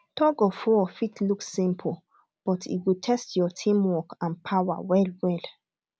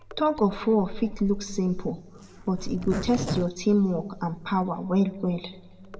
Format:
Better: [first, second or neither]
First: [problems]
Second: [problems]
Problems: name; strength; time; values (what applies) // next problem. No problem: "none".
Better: first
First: none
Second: background sound (Zipper (clothing)); 10 dB below the speech // room echo; dies away in 1.3 s